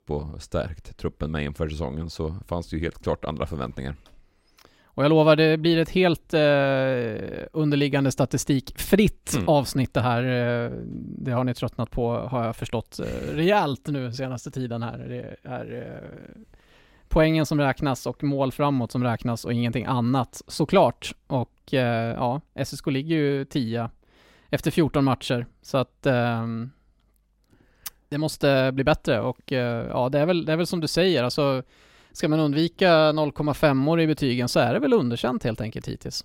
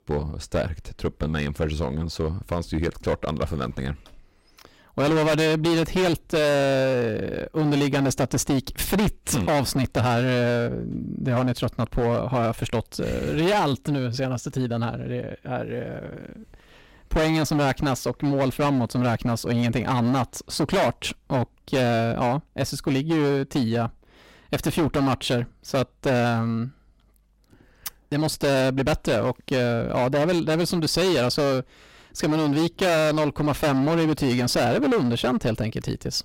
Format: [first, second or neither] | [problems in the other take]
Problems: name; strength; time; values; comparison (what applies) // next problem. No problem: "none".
first | distortion; heavy; 17% of the sound clipped